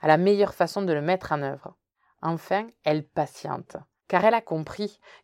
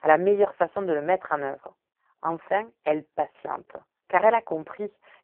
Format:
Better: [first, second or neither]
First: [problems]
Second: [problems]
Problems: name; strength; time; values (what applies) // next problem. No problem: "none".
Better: first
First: none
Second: phone-call audio; poor line